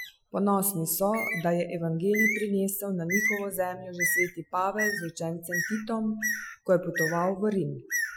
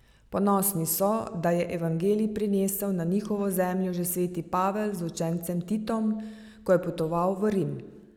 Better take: second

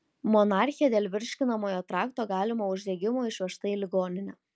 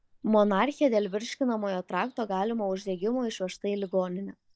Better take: first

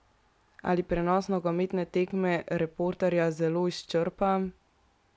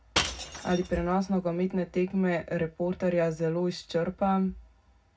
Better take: first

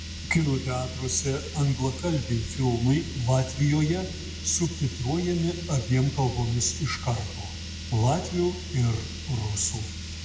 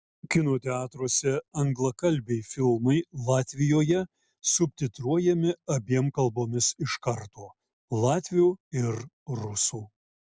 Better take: second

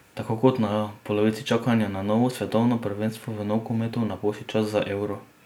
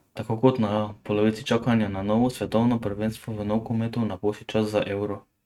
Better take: first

